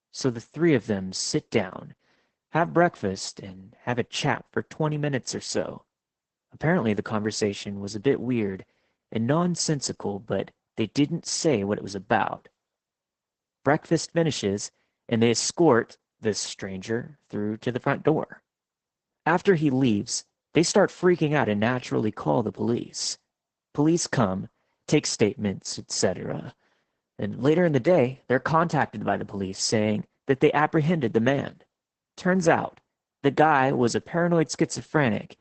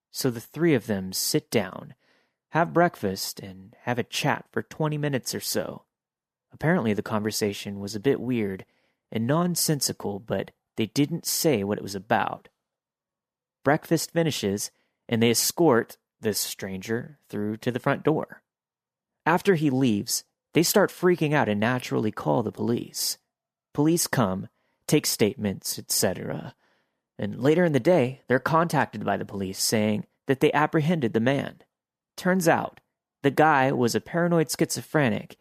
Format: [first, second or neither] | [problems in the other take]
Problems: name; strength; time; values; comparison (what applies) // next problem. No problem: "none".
second | garbled, watery; badly; nothing above 8 kHz